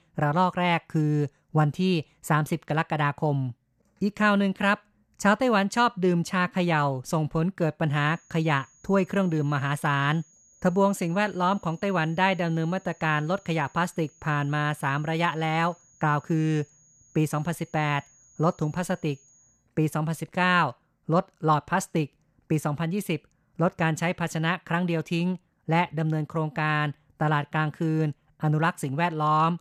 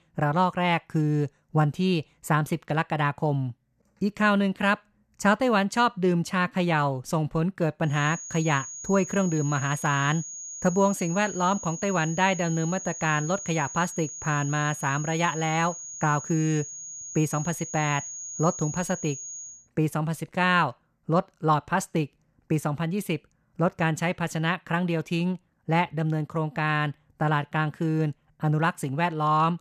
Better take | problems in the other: first | high-pitched whine; loud; from 8 to 20 s; 6.5 kHz, 9 dB below the speech; faint in the first

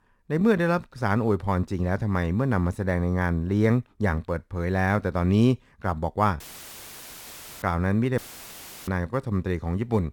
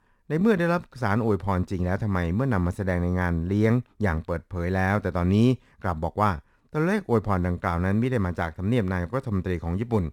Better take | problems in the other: second | audio cutting out; filled with static; at 6.5 s for 1 s and at 8 s for 0.5 s

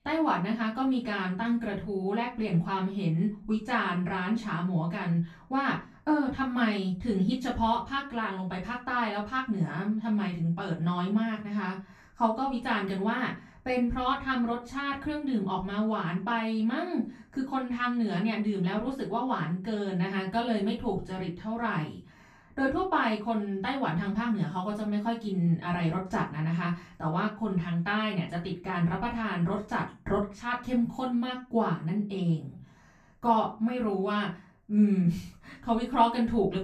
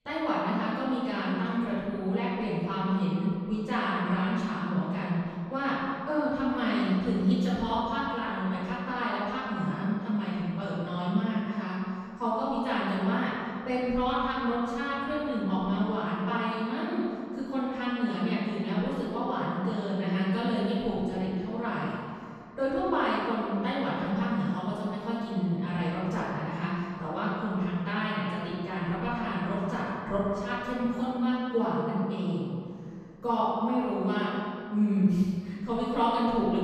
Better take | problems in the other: first | room echo; strong; dies away in 2 s; slight in the first // off-mic speech; far; far in the first

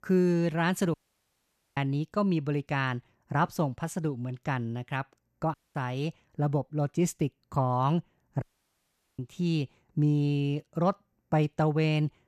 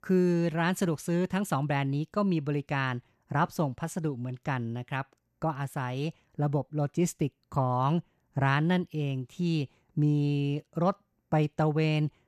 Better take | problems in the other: second | audio cutting out; at 1 s for 1 s, at 5.5 s and at 8.5 s for 1 s

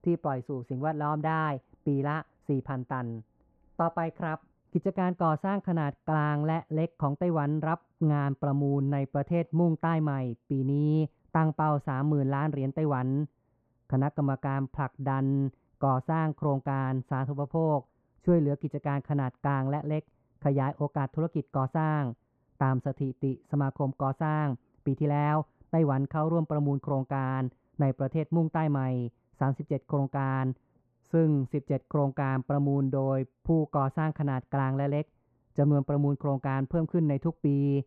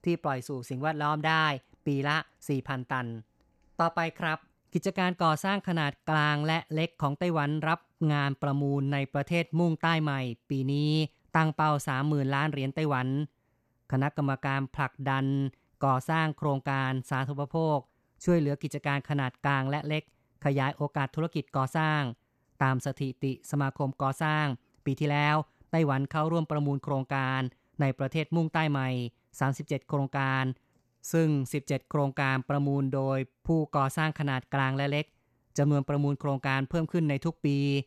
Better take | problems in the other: second | muffled; very; fading above 2.5 kHz

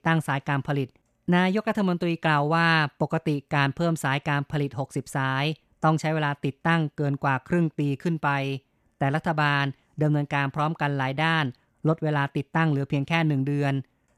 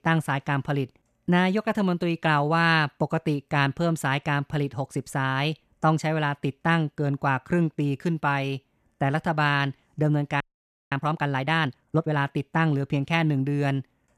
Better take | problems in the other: first | audio freezing; at 10 s for 0.5 s

